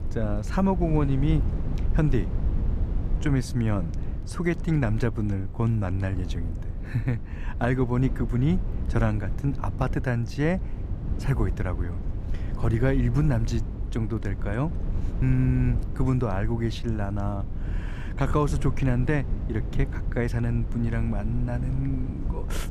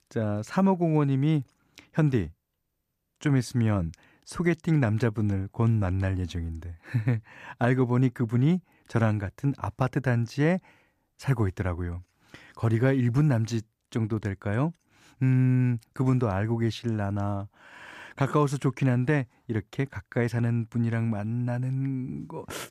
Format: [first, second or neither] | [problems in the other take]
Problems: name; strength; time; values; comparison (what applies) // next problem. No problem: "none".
second | low rumble; noticeable; throughout; 10 dB below the speech